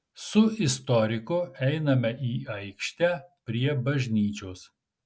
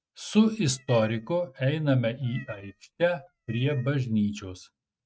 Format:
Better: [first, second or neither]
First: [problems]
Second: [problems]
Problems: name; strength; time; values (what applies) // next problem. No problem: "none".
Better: first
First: none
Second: noise reduction (neural mask model RNNoise)